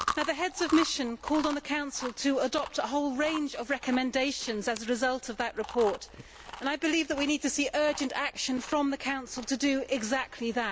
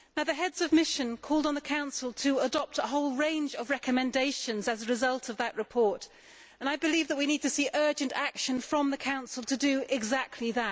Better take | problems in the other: second | background sound (Chewing, mastication); 13 dB below the speech

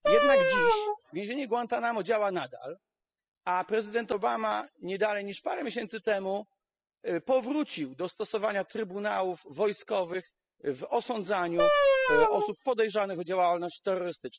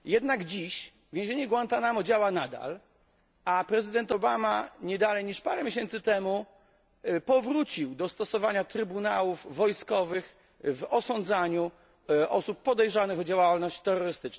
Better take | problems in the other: second | noise reduction (classical method spectral subtraction)

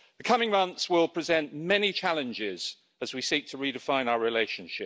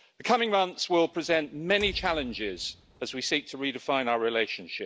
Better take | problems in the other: first | background sound (Door); 20 dB below the speech

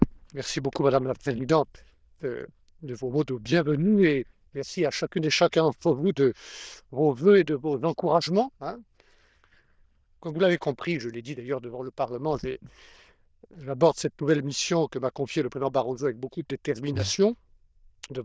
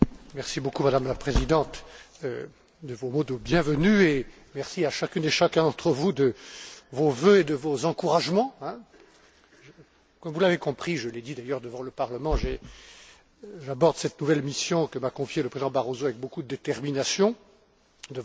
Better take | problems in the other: second | noise reduction (neural diffusion model UNIVERSE++)

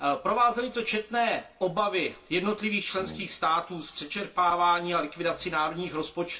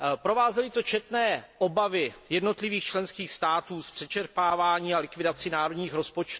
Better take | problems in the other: second | background sound (Brass instrument); 19 dB below the speech // room echo; dies away in 0.2 s

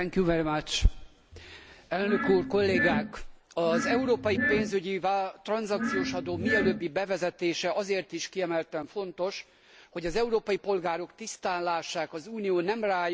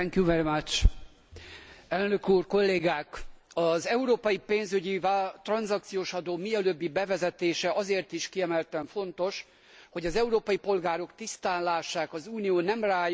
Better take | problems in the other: second | background sound (Glass); 1 dB below the speech

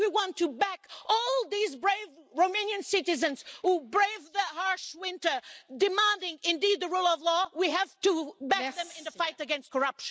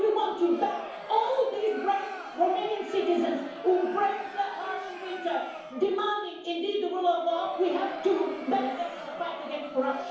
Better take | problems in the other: first | background sound (Crowd); 12 dB below the speech // room echo; dies away in 1 s

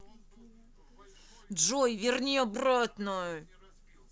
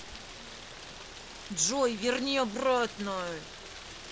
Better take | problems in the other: first | background sound (Rain); 13 dB below the speech

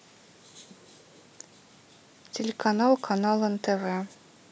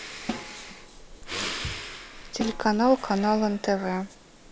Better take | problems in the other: first | background sound (Snare drum + Breathing); 9 dB below the speech

